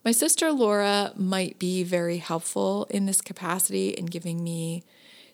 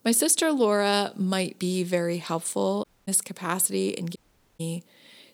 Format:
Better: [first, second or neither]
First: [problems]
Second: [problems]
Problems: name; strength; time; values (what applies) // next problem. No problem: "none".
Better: first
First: none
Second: audio cutting out; at 3 s and at 4 s